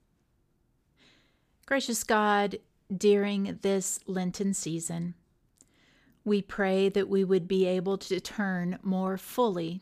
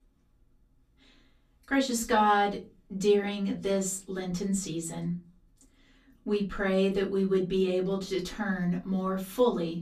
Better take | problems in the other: first | off-mic speech; far // room echo; very slight; dies away in 0.3 s

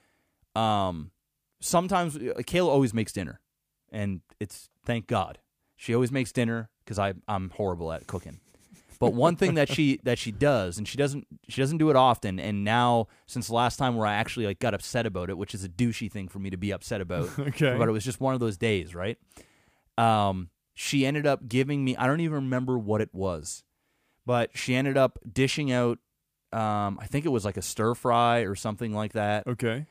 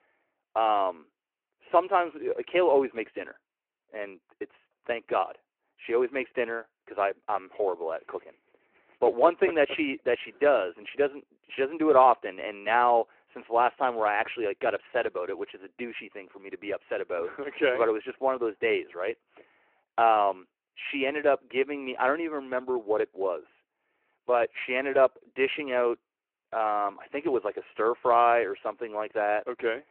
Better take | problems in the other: first | phone-call audio

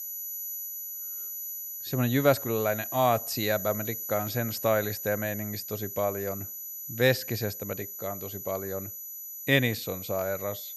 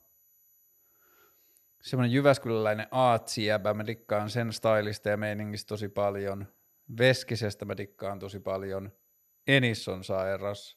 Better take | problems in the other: second | high-pitched whine; loud; throughout; 12 kHz, 6 dB below the speech; faint in the second

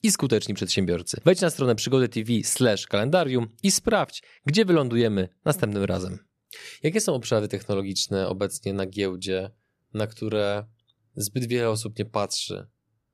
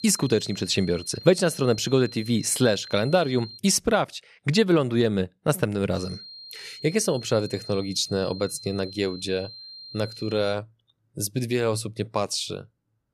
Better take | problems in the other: first | high-pitched whine; noticeable; until 3.5 s and from 6 to 11 s; 4 kHz, 15 dB below the speech

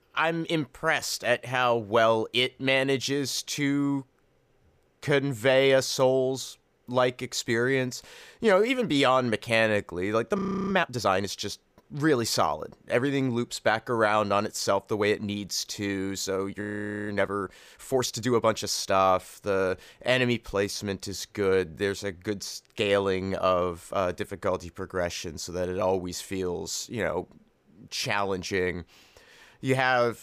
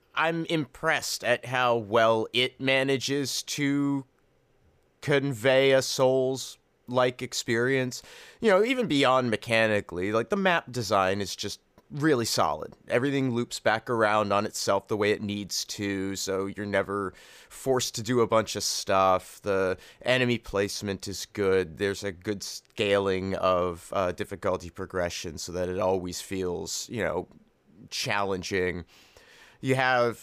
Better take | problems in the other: second | audio freezing; at 10 s and at 17 s

